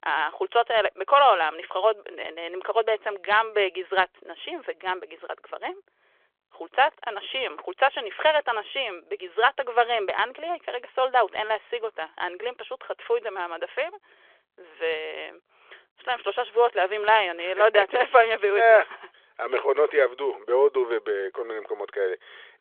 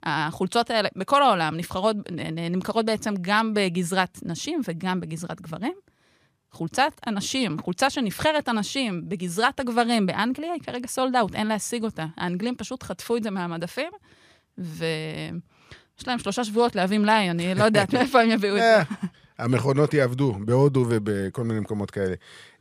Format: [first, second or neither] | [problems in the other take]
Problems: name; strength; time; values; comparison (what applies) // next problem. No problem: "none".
second | phone-call audio; nothing above 3.5 kHz